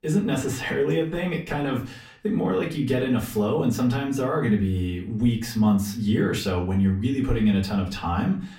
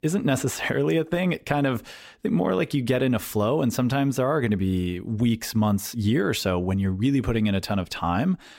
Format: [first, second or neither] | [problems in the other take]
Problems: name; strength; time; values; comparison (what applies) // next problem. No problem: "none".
second | room echo; slight; dies away in 0.3 s // off-mic speech; far